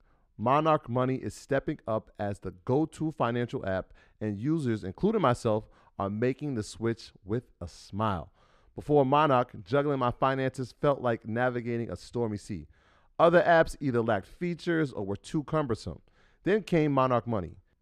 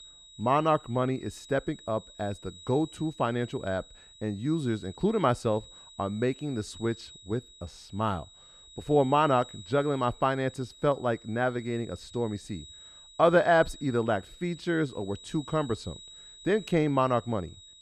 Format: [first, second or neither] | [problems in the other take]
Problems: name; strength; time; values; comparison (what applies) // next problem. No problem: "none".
first | high-pitched whine; noticeable; throughout; 4 kHz, 20 dB below the speech